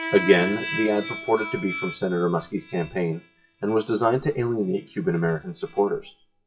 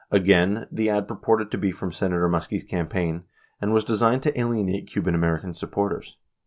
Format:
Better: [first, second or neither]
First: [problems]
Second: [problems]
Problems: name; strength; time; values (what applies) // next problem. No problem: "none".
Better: second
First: noise reduction (classical method WPE with log-MMSE)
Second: none